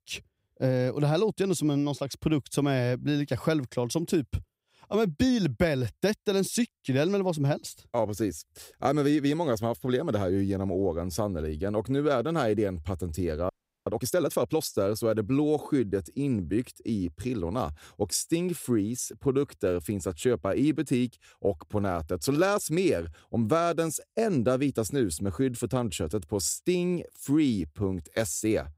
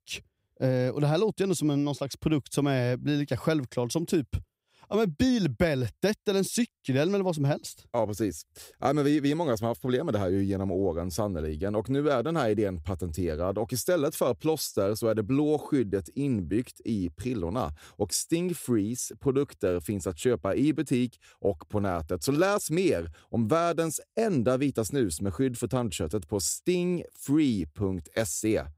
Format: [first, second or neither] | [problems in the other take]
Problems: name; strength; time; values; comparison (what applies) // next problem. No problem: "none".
second | audio freezing; at 13 s